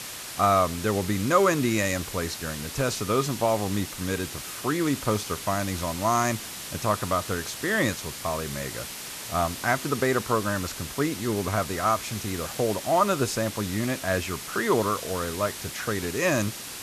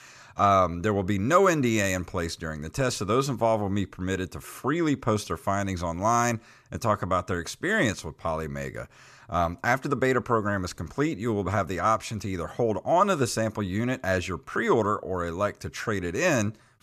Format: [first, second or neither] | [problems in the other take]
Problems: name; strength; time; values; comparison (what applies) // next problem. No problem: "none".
second | hiss; loud; throughout; 8 dB below the speech